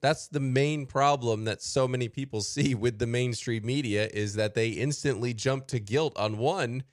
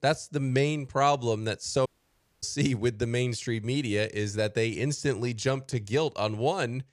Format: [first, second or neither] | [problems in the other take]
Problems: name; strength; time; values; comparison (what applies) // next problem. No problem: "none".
first | audio cutting out; at 2 s for 0.5 s